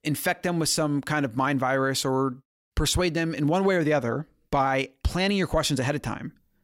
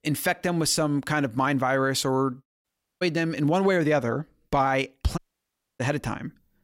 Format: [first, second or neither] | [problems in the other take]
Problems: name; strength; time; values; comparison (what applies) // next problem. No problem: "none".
first | audio cutting out; at 2.5 s and at 5 s for 0.5 s